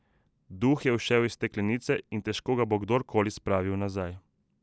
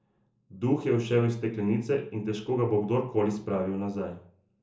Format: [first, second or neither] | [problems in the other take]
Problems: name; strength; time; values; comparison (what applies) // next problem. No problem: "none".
first | room echo; dies away in 0.6 s